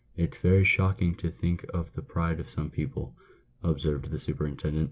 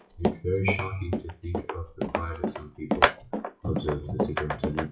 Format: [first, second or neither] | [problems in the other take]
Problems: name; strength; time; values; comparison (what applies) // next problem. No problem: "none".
first | noise reduction (classical method WPE with log-MMSE)